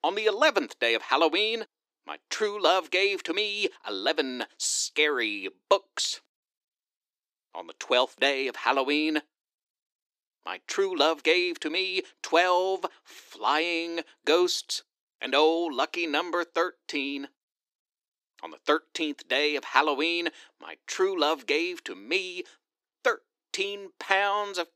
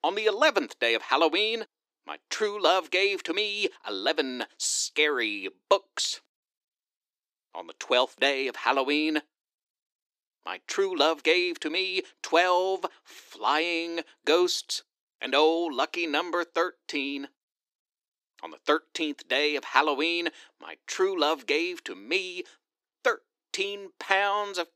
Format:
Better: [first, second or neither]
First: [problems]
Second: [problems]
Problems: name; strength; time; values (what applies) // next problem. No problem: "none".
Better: neither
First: thin; somewhat; fading below 300 Hz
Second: thin; somewhat; fading below 300 Hz